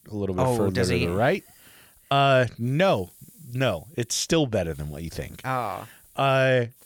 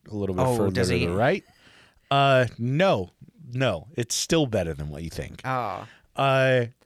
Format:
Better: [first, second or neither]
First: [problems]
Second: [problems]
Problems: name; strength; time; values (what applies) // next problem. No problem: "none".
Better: second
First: hiss; faint; throughout; 30 dB below the speech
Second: none